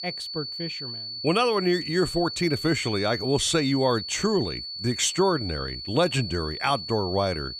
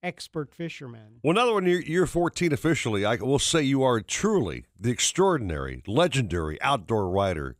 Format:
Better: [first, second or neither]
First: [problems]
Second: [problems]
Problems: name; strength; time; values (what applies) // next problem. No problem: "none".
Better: second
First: high-pitched whine; loud; throughout; 4.5 kHz, 7 dB below the speech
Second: none